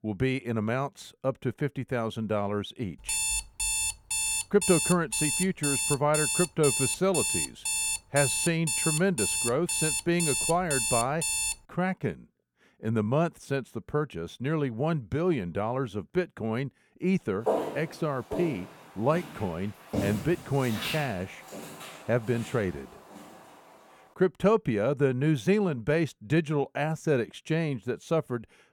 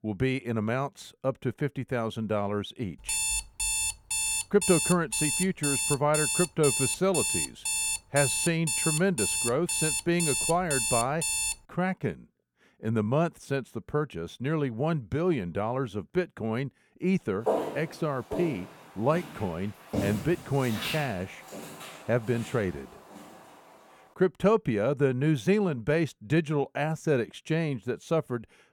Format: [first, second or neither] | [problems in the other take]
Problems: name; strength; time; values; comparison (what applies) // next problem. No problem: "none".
neither | alarm; loud; from 3 to 12 s; peak 3 dB above the speech; the same in both // footsteps; loud; from 17 to 22 s; peak level with the speech; the same in both